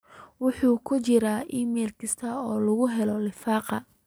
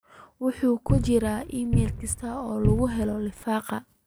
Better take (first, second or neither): first